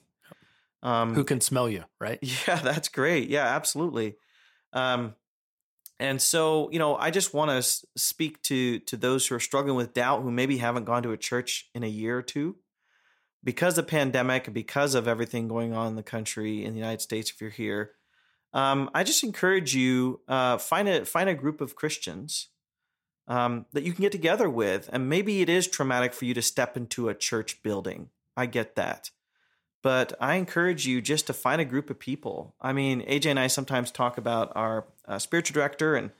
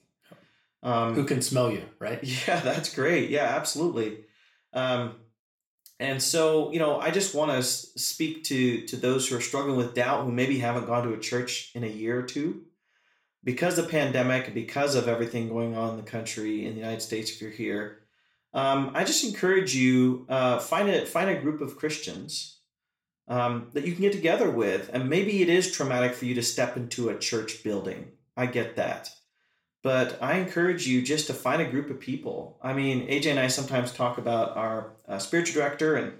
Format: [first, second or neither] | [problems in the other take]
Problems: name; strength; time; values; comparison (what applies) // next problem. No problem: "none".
first | room echo; slight; dies away in 0.4 s // off-mic speech; somewhat distant